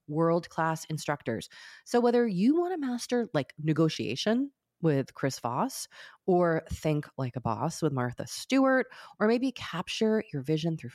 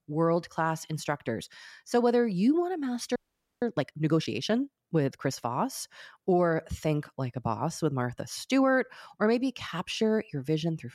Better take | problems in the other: first | audio freezing; at 3 s

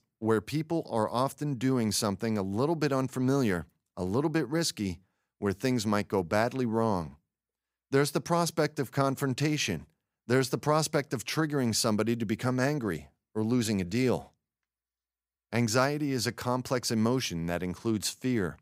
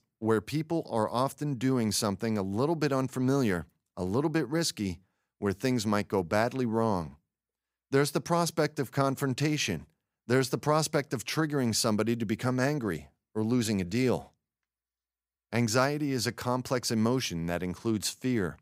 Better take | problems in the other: neither | none

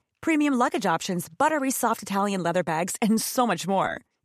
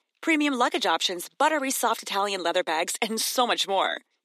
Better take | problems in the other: first | thin; very slightly; fading below 300 Hz

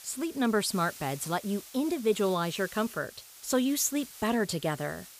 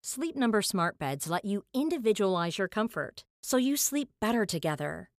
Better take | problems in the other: second | hiss; noticeable; throughout; 15 dB below the speech

